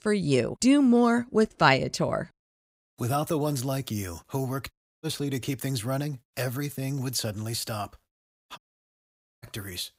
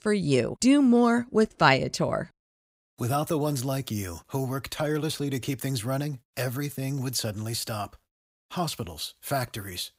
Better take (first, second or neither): second